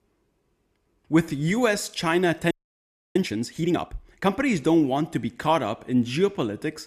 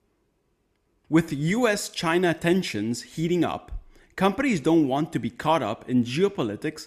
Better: second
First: audio freezing; at 2.5 s for 0.5 s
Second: none

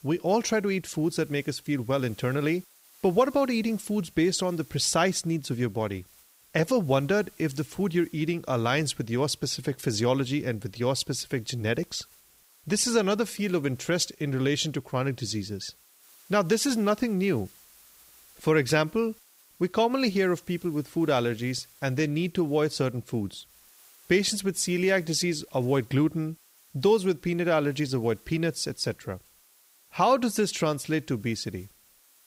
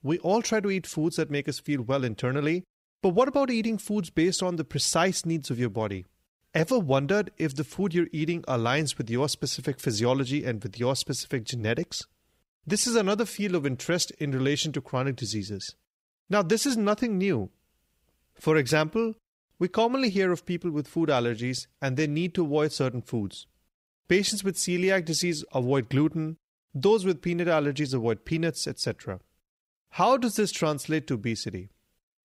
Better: second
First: hiss; faint; throughout; 25 dB below the speech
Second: none

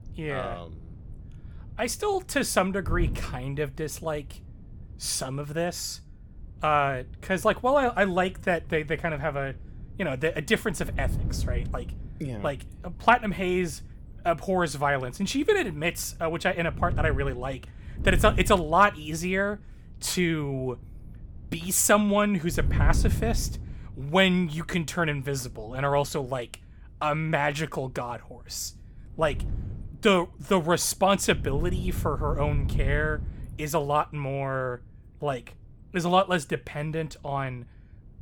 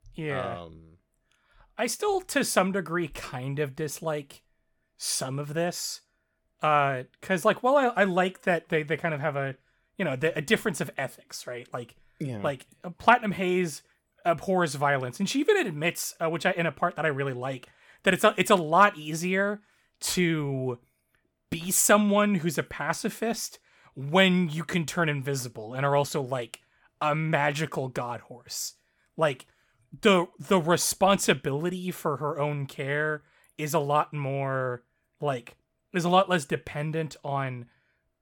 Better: second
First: wind noise on the microphone; occasional gusts; 20 dB below the speech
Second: none

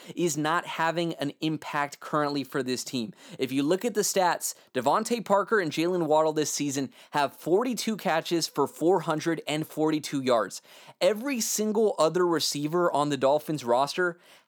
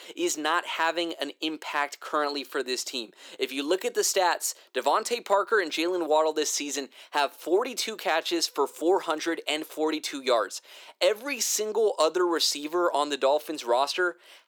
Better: first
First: none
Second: thin; somewhat; fading below 350 Hz

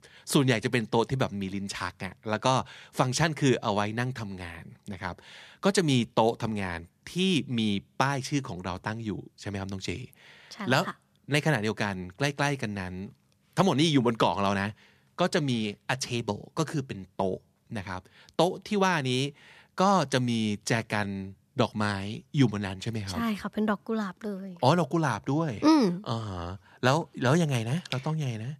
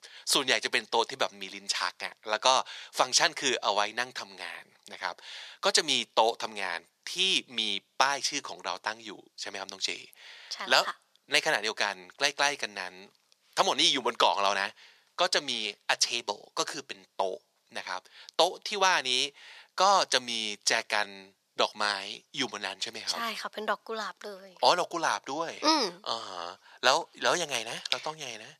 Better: first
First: none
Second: thin; very; fading below 650 Hz

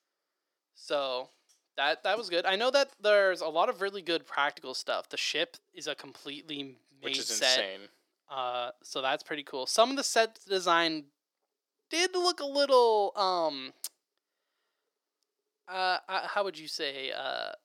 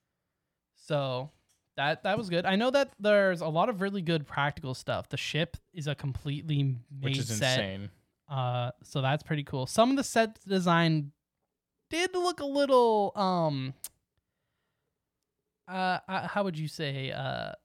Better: second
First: thin; somewhat; fading below 350 Hz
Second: none

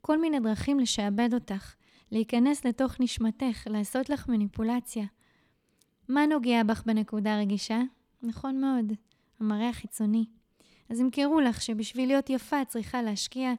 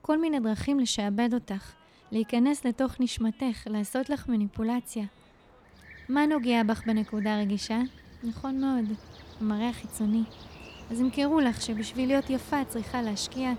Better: first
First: none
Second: train or aircraft noise; noticeable; throughout; 20 dB below the speech

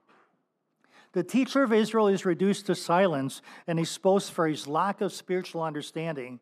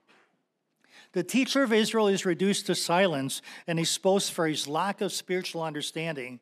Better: second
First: muffled; slightly; fading above 1.5 kHz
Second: none

